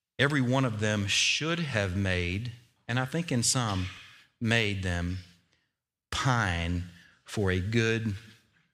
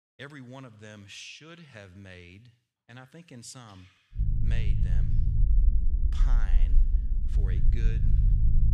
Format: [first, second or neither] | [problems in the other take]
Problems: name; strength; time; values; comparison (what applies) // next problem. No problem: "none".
first | low rumble; loud; from 4 s on; 1 dB below the speech